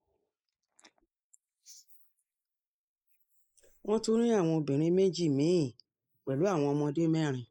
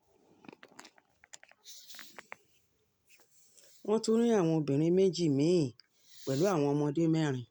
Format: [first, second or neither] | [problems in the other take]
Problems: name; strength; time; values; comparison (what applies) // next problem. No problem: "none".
second | noise reduction (neural mask model Resemble Enhance denoiser)